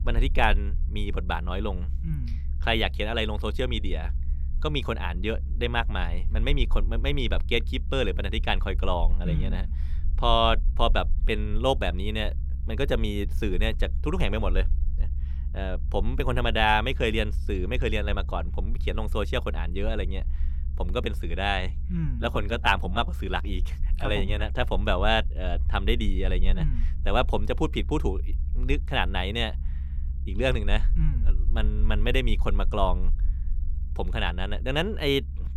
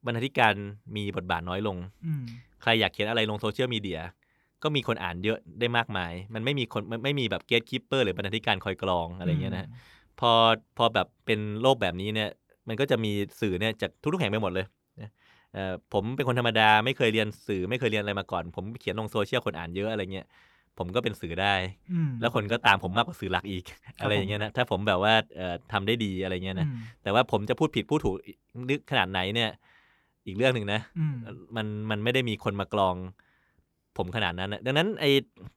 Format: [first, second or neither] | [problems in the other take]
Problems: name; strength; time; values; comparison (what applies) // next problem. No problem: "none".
second | low rumble; faint; throughout; 25 dB below the speech